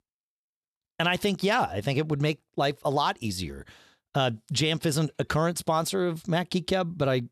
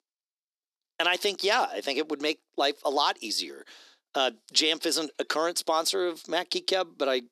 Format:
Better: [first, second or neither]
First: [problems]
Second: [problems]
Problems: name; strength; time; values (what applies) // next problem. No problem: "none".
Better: first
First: none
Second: thin; somewhat; fading below 300 Hz